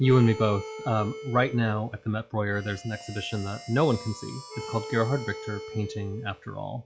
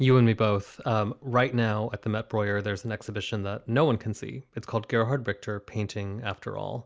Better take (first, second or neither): second